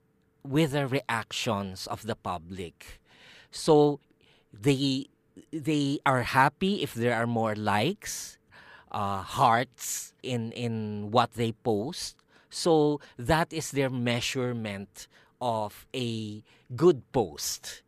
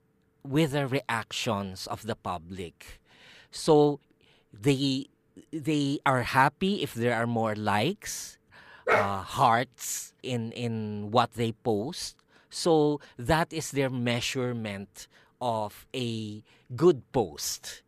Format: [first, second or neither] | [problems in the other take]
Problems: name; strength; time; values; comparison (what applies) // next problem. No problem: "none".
first | dog barking; loud; at 9 s; peak 2 dB above the speech